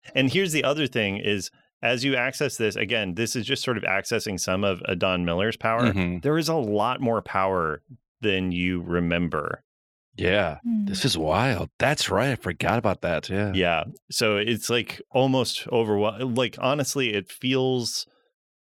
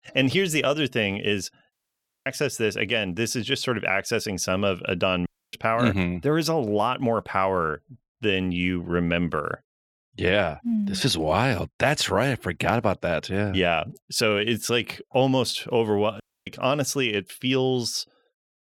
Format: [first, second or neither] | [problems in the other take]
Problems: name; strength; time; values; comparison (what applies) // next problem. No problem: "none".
first | audio cutting out; at 1.5 s for 0.5 s, at 5.5 s and at 16 s